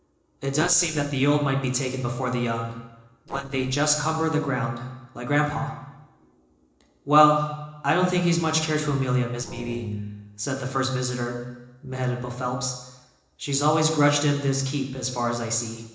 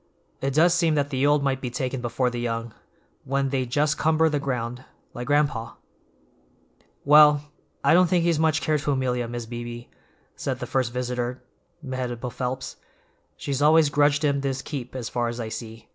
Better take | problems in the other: second | noise reduction (neural separator model SepFormer DNS4)

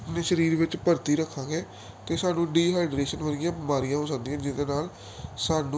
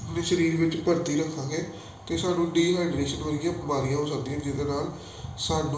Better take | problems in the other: first | room echo; dies away in 0.9 s

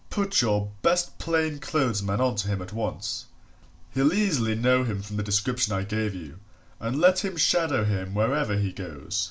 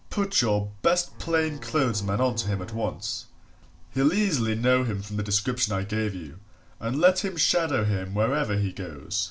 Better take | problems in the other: first | background sound (Bowed string instrument); 18 dB below the speech

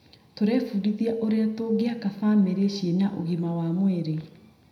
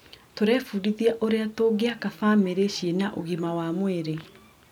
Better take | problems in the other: second | room echo; dies away in 0.7 s

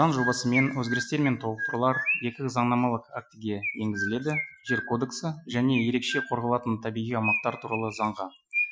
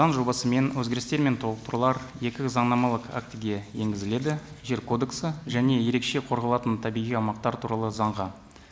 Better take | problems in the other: second | noise reduction (classical method Wiener filter)

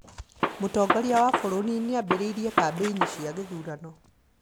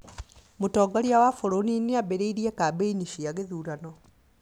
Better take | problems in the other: second | background sound (Gunshot, gunfire); 2 dB below the speech

